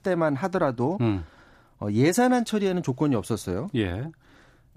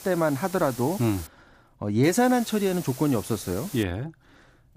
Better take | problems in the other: first | hiss; noticeable; until 1.5 s and from 2 to 4 s; 15 dB below the speech

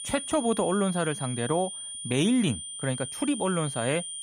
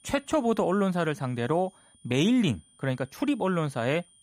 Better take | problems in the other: second | high-pitched whine; loud; throughout; 9 kHz, 7 dB below the speech; faint in the second

